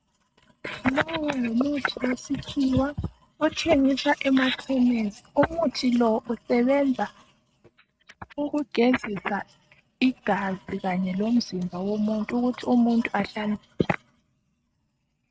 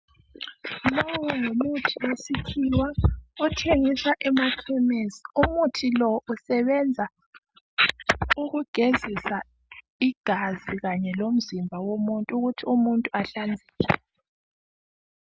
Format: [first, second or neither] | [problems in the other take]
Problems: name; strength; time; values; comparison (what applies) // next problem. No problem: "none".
second | noise reduction (neural mask model RNNoise)